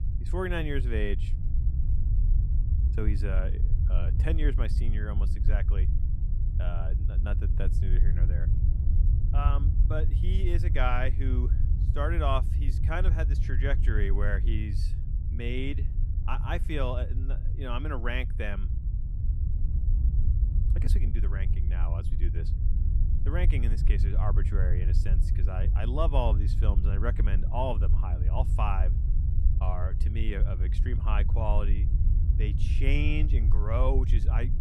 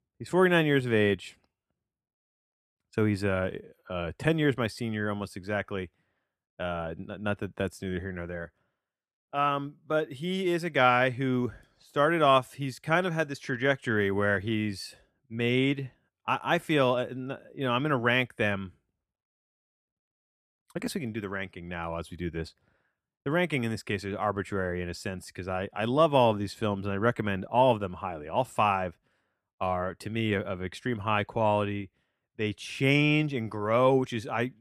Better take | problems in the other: second | low rumble; loud; throughout; 9 dB below the speech

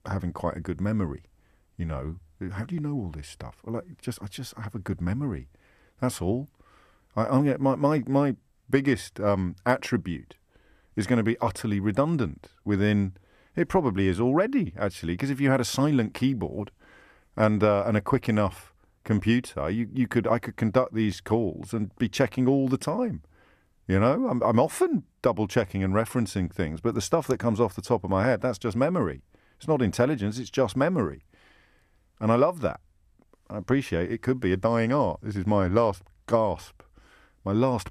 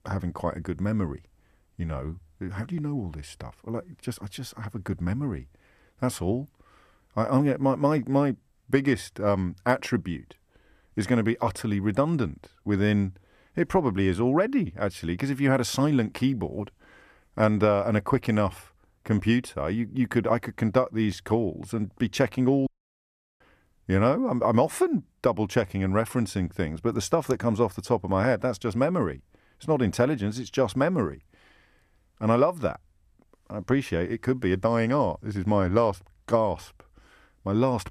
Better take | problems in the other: first | audio cutting out; at 23 s for 0.5 s

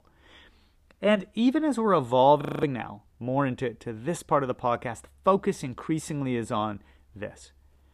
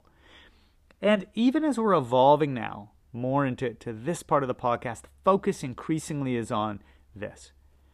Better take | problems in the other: second | audio freezing; at 2.5 s

